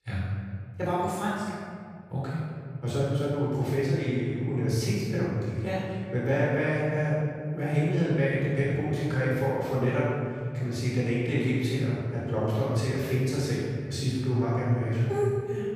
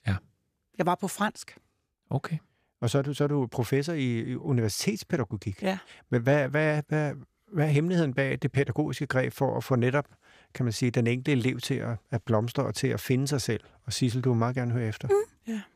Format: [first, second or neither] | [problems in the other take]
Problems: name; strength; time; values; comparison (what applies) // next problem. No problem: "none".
second | off-mic speech; far // room echo; strong; dies away in 2.1 s